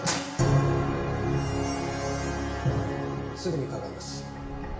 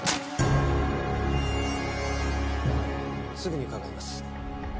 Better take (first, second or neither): second